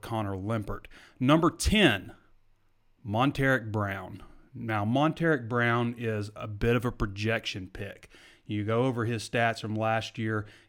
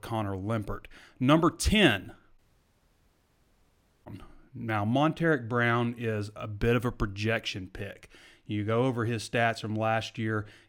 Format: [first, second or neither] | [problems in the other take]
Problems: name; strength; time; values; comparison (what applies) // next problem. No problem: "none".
first | audio cutting out; at 2.5 s for 1.5 s